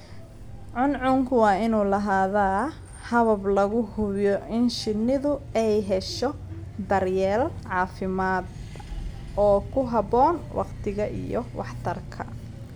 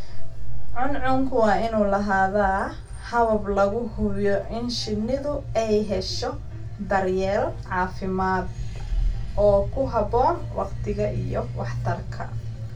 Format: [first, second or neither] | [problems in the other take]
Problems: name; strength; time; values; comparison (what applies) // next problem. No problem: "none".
first | room echo; dies away in 0.2 s